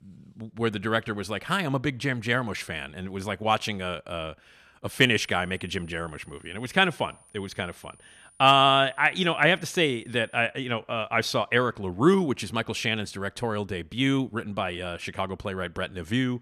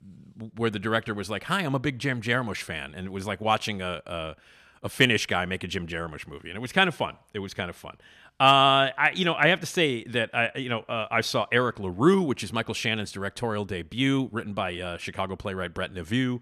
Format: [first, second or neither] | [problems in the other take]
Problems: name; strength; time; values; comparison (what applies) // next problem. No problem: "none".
second | high-pitched whine; faint; from 5 to 10 s; 9.5 kHz, 30 dB below the speech